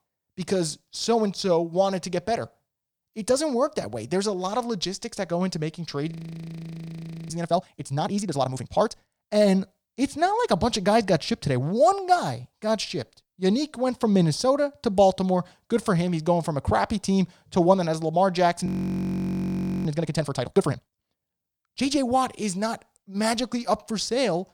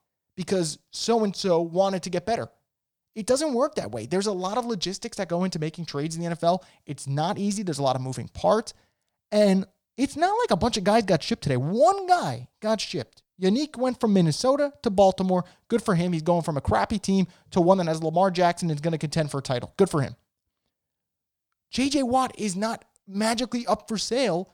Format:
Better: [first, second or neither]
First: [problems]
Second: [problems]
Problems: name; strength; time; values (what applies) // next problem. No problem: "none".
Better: second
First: audio freezing; at 6 s for 1 s and at 19 s for 1 s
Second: none